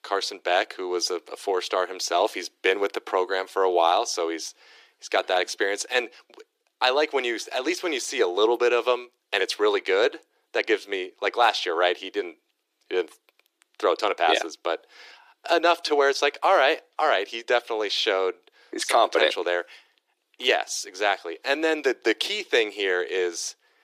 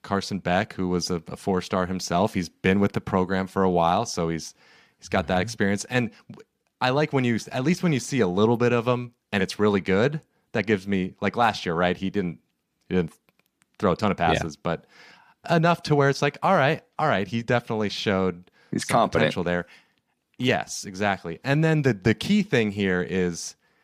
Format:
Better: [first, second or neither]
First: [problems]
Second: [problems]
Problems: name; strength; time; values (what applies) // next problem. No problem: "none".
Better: second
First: thin; very; fading below 350 Hz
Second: none